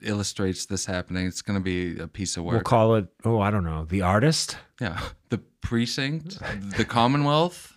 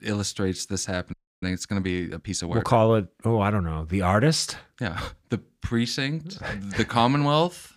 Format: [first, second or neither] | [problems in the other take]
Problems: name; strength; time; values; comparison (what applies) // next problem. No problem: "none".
first | audio freezing; at 1 s